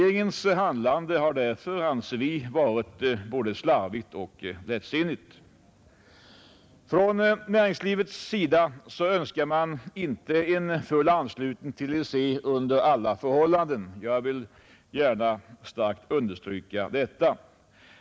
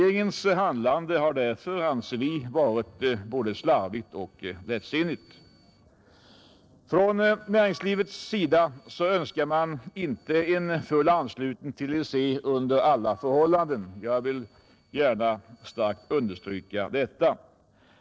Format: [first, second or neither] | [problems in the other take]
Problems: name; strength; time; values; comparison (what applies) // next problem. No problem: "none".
first | noise reduction (neural separator model SepFormer DNS4)